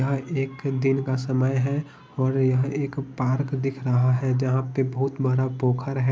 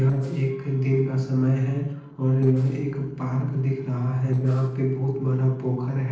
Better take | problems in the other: first | noise reduction (neural separator model SepFormer DNS4)

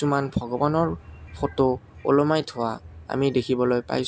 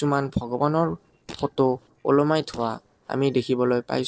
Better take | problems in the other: first | noise reduction (neural separator model SepFormer DNS4)

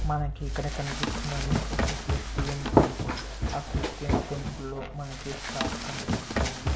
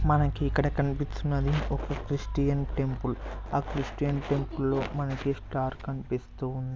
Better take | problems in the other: second | background sound (Run); 3 dB above the speech // room echo; dies away in 0.5 s

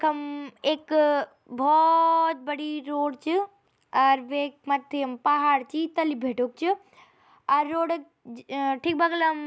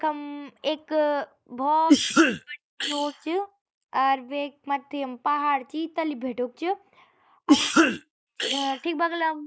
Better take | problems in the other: first | noise reduction (neural mask model Resemble Enhance denoiser)

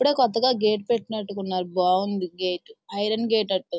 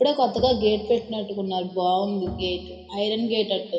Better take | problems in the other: first | background sound (Bowed string instrument); 16 dB below the speech // room echo; dies away in 1.7 s

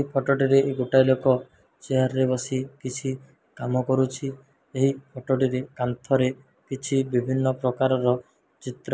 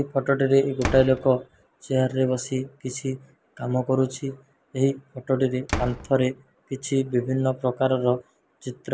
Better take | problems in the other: first | background sound (Slam); 12 dB below the speech

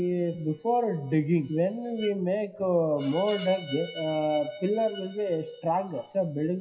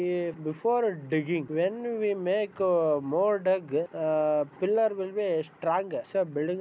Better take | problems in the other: second | noise reduction (classical method WPE with log-MMSE)

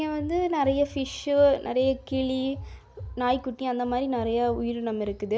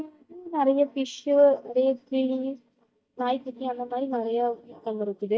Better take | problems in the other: first | noise reduction (neural mask model DeepFilterNet 3)

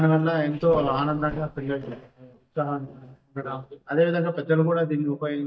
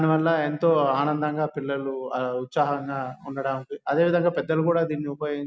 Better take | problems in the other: second | noise reduction (neural mask model DeepFilterNet 3)

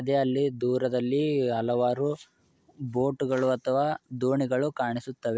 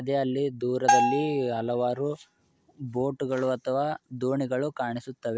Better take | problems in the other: first | background sound (Bell); 1 dB above the speech

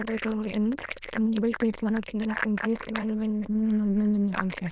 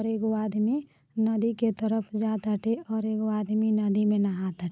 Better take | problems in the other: second | noise reduction (neural diffusion model UNIVERSE++)

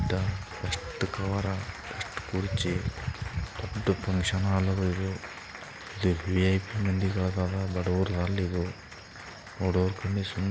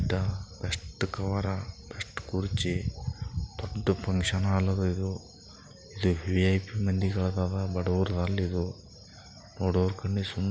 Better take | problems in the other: second | background sound (Applause); 14 dB below the speech

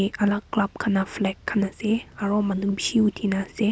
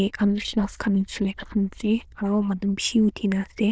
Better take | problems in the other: first | noise reduction (neural diffusion model UNIVERSE++)

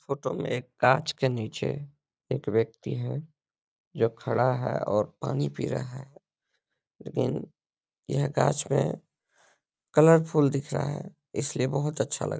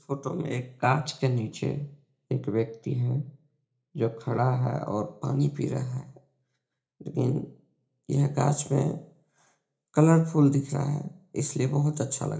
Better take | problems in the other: first | room echo; dies away in 0.4 s

